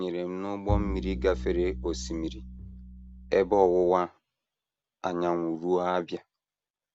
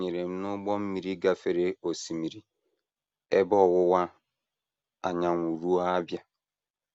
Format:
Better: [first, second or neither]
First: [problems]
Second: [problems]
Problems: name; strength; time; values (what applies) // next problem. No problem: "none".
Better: second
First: background sound (Bowed string instrument); 6 dB below the speech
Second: none